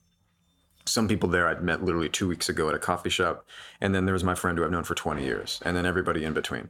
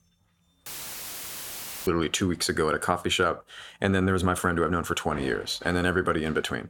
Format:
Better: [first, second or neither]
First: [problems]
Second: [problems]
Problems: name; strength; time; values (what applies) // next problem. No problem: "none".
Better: first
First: none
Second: audio cutting out; filled with static; at 0.5 s for 1 s